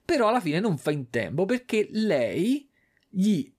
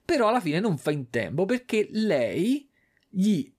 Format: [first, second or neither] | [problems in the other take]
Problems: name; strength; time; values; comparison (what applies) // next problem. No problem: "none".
neither | none